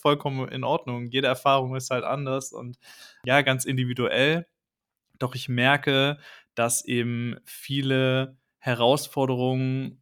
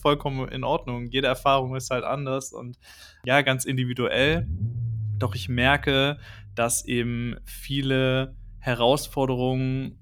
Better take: first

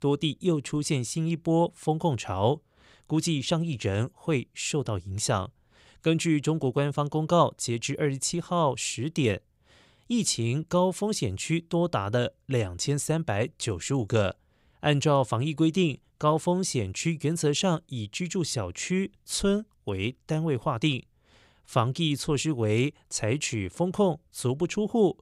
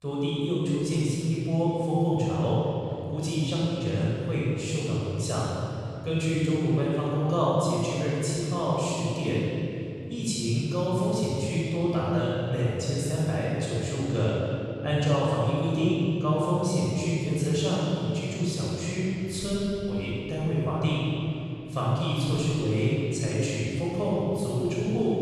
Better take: first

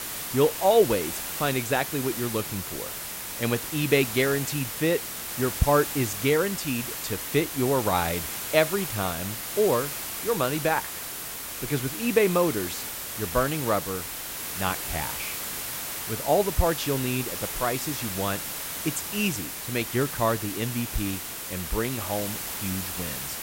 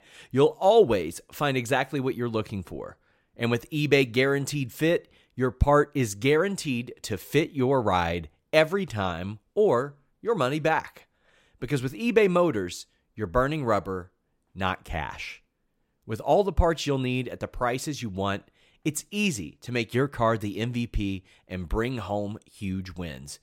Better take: second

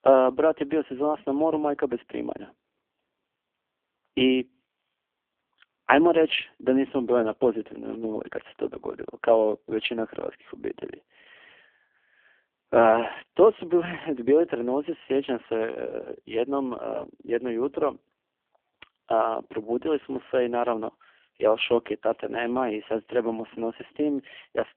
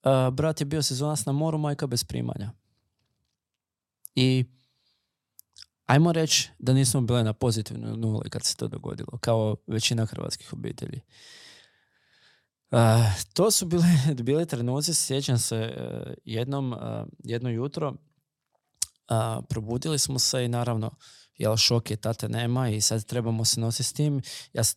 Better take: second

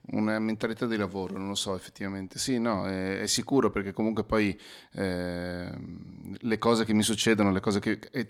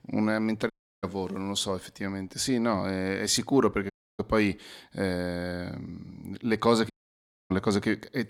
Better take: first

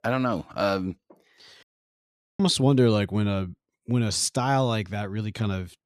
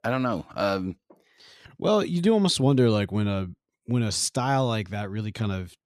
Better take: second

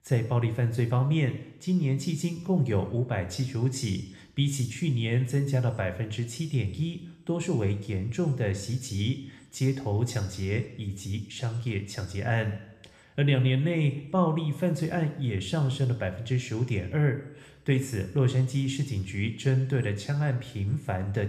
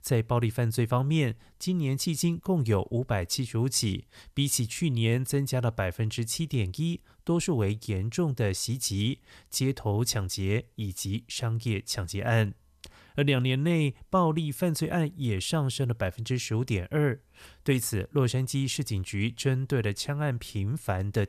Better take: second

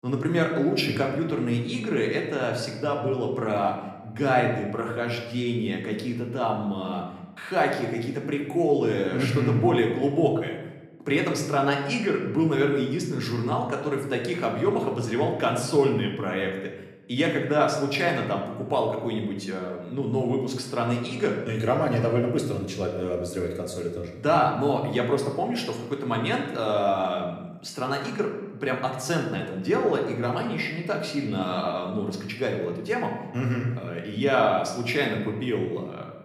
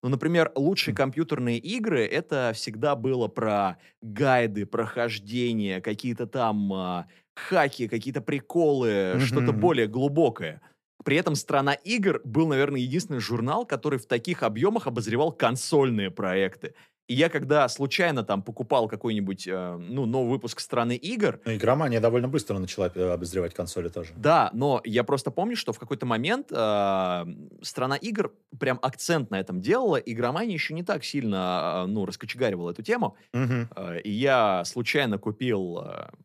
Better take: second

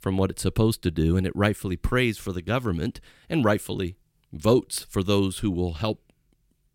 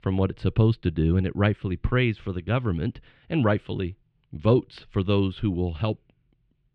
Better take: first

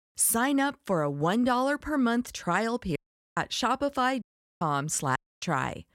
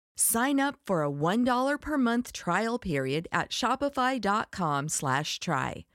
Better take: second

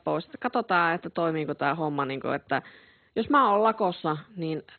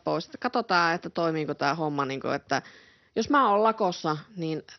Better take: second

